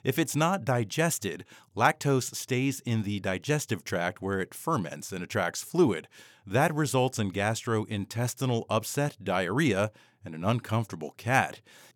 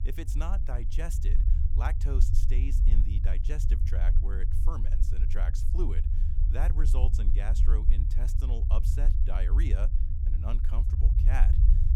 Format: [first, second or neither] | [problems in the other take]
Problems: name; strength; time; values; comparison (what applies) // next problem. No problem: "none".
first | low rumble; loud; throughout; 5 dB below the speech